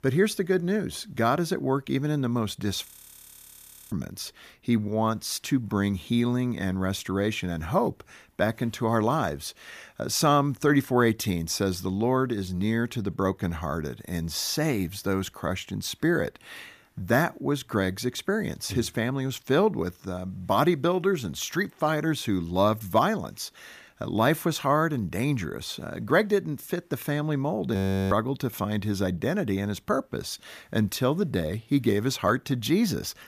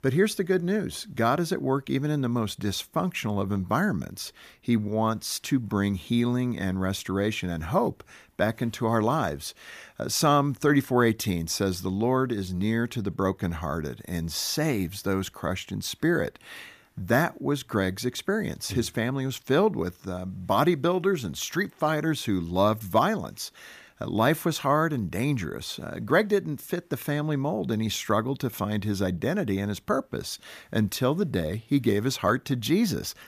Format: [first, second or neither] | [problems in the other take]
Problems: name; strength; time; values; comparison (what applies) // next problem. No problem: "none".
second | audio freezing; at 3 s for 1 s and at 28 s